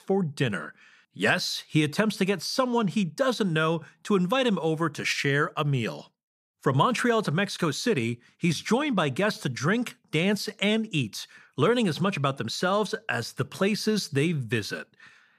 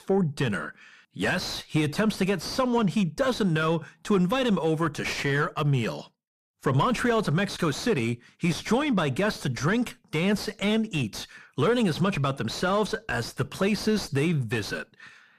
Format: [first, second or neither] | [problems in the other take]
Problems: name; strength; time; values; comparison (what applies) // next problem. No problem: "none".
first | distortion; slight; 9 dB below the speech